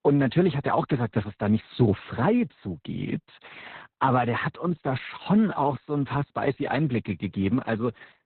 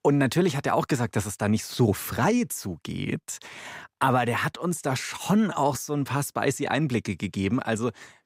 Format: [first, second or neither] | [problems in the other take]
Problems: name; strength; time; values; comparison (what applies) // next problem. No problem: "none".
second | garbled, watery; badly; nothing above 4 kHz